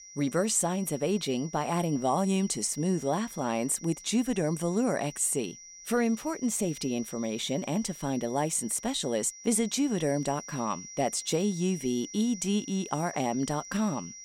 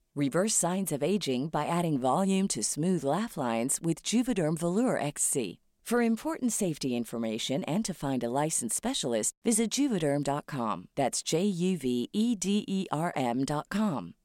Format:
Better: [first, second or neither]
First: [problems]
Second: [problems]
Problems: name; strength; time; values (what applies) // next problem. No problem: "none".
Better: second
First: high-pitched whine; noticeable; throughout; 6 kHz, 15 dB below the speech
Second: none